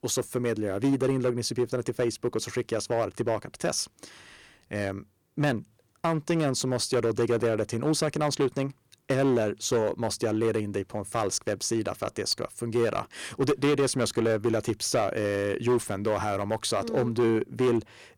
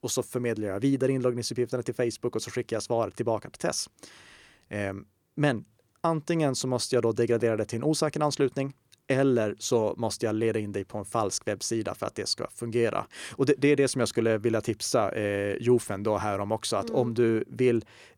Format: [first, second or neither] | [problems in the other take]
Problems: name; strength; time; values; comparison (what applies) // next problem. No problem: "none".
second | distortion; slight; 6% of the sound clipped